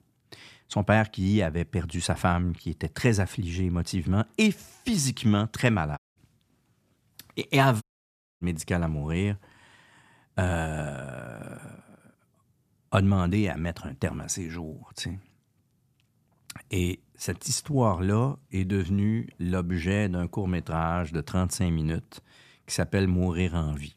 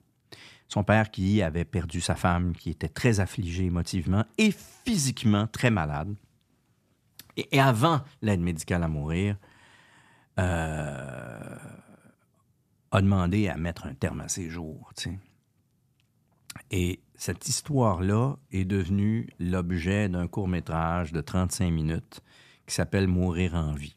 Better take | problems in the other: second | audio cutting out; at 6 s and at 8 s for 0.5 s

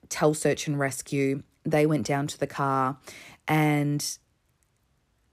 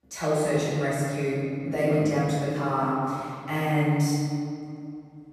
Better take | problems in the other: first | room echo; strong; dies away in 2.4 s // off-mic speech; far

